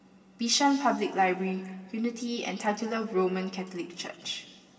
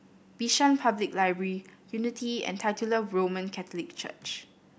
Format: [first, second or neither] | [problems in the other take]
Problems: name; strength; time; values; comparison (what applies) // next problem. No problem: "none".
second | room echo; dies away in 2 s